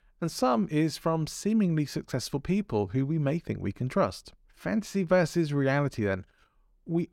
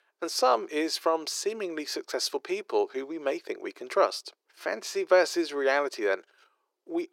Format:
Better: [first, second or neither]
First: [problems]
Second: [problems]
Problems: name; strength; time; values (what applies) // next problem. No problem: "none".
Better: first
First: none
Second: thin; very; fading below 350 Hz